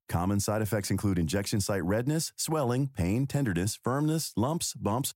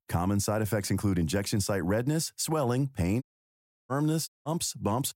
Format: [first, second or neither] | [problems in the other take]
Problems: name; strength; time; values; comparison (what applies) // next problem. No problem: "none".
first | audio cutting out; at 3 s for 0.5 s and at 4.5 s